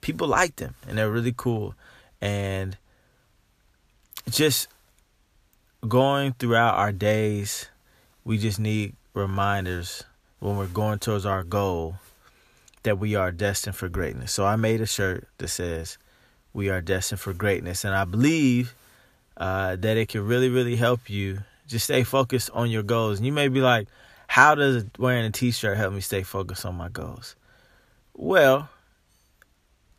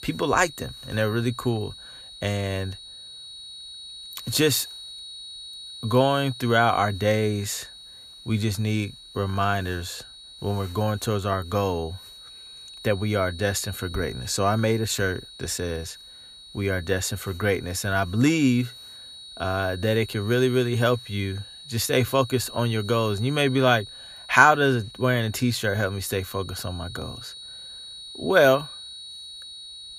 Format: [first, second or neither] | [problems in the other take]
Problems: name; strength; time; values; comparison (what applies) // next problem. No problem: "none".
first | high-pitched whine; noticeable; throughout; 4 kHz, 15 dB below the speech